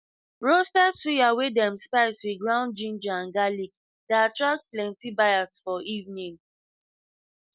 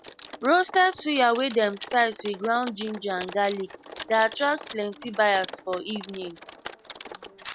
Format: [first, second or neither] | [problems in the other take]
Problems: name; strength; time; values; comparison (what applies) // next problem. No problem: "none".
first | background sound (Typing); 16 dB below the speech